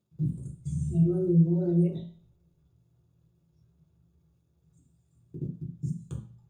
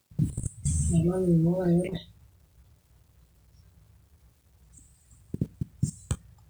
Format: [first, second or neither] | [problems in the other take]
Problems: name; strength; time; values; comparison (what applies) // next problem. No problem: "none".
second | room echo; dies away in 0.5 s